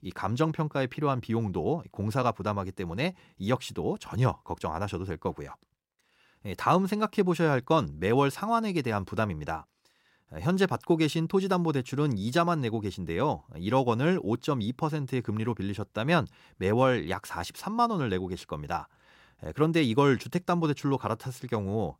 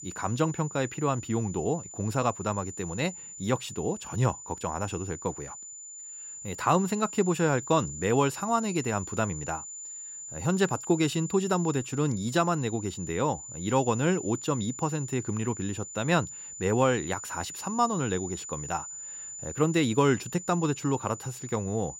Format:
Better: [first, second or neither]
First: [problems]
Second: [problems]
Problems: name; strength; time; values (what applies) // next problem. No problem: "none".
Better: first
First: none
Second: high-pitched whine; noticeable; throughout; 7 kHz, 10 dB below the speech